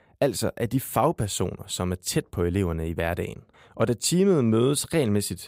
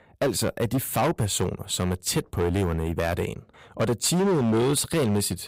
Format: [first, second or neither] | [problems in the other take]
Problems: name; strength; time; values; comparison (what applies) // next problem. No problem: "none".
first | distortion; heavy; 15% of the sound clipped